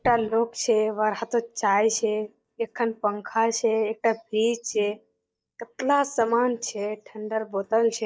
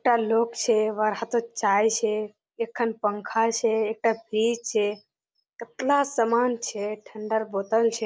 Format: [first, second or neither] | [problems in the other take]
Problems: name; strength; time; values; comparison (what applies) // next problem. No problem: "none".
second | noise reduction (neural mask model DeepFilterNet 3)